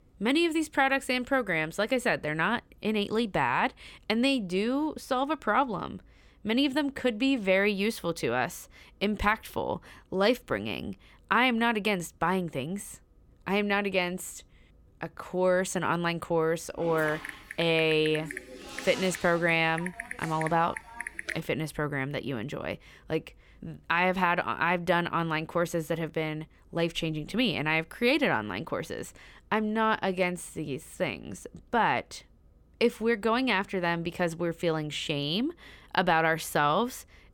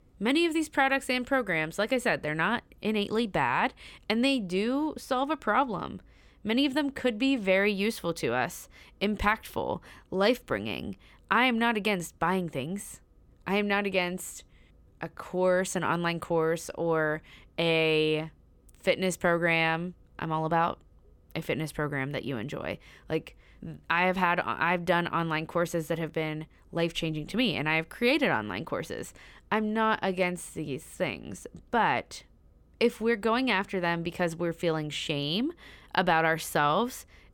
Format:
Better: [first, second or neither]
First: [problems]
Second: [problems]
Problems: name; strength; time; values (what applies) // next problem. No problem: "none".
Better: second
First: keyboard typing; noticeable; from 17 to 21 s; peak 8 dB below the speech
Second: none